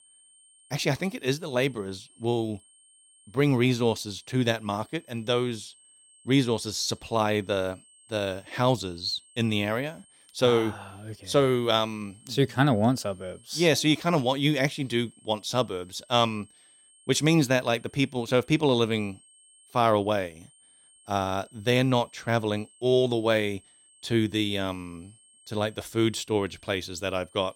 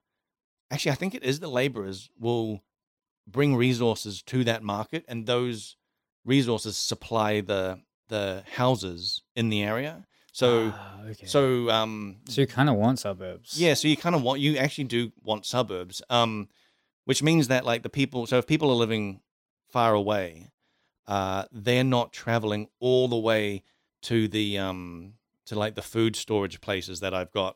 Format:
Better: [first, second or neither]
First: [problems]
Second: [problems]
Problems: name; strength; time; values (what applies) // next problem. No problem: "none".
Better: second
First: high-pitched whine; faint; throughout; 8.5 kHz, 30 dB below the speech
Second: none